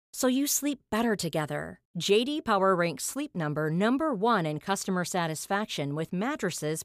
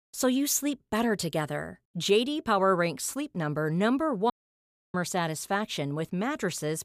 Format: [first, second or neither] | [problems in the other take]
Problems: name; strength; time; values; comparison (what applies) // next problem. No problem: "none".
first | audio cutting out; at 4.5 s for 0.5 s